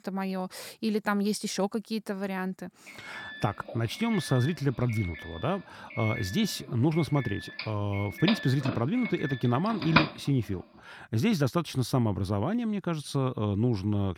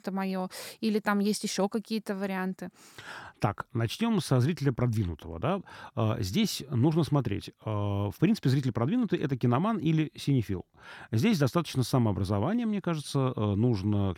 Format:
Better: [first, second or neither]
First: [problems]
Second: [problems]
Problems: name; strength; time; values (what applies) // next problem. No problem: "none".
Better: second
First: doorbell; loud; from 7.5 to 10 s; peak 4 dB above the speech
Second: none